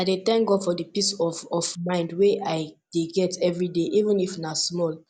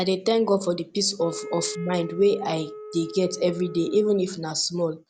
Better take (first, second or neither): first